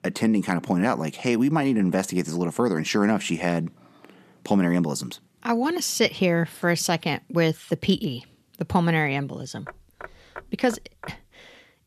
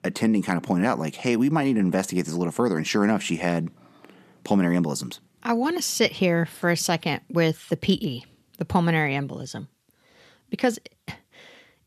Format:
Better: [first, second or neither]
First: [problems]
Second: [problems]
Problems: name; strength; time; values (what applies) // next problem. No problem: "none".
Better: second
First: door banging; faint; from 9.5 to 11 s; peak 15 dB below the speech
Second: none